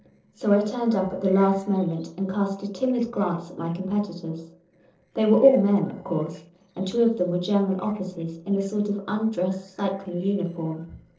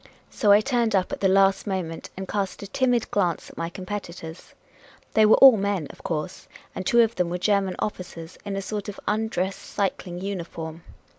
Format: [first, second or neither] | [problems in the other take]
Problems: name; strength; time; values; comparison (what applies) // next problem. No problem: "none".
second | noise reduction (neural separator model SepFormer DNS4)